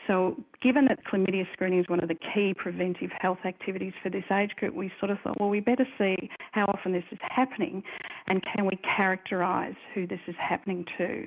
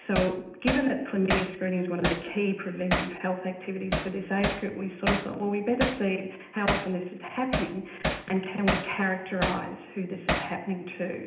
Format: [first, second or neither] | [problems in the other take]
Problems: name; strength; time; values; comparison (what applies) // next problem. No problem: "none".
first | background sound (Hammer); 3 dB below the speech // room echo; dies away in 0.8 s